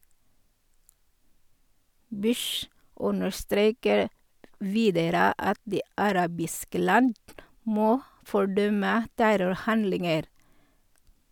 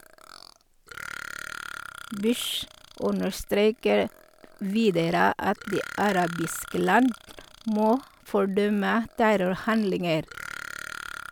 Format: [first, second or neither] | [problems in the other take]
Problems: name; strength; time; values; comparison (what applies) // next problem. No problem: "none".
first | background sound (Burping, eructation); 16 dB below the speech